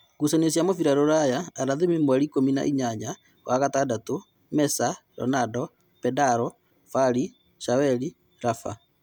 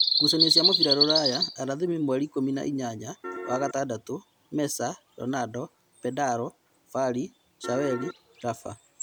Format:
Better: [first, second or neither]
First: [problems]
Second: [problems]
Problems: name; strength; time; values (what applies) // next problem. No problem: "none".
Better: first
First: none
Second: background sound (Bird vocalization, bird call, bird song + Piano); 1 dB below the speech